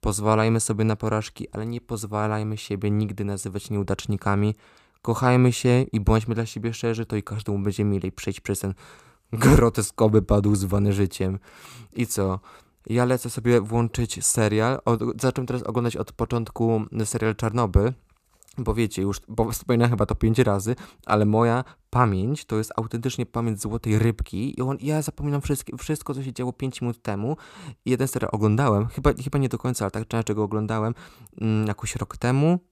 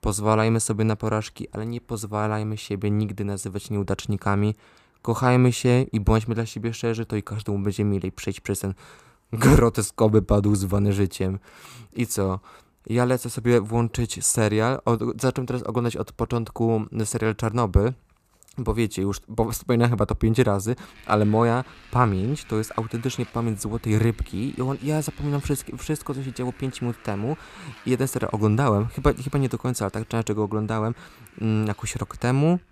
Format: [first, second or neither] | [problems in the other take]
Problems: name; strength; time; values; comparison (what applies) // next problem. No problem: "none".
first | traffic noise; faint; throughout; 25 dB below the speech